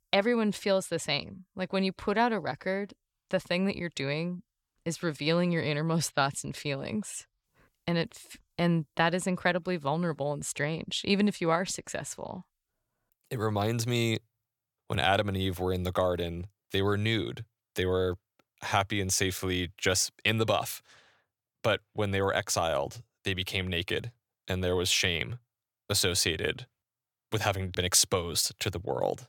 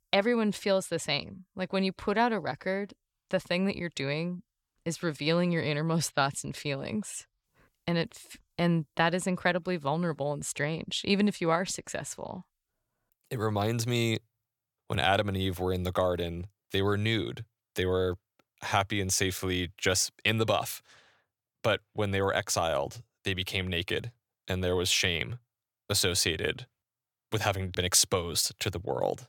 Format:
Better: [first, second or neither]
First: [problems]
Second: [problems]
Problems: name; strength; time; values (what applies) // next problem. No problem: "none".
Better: neither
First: none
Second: none